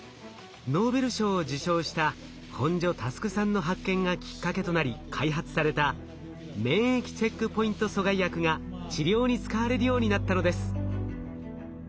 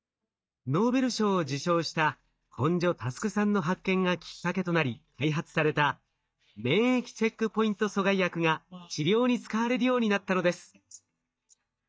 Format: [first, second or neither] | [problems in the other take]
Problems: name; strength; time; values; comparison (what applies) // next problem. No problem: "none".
first | noise reduction (neural mask model DeepFilterNet 3)